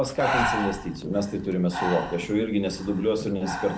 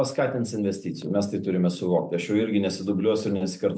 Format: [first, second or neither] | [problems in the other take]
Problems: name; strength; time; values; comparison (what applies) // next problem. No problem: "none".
second | background sound (Breathing); 5 dB below the speech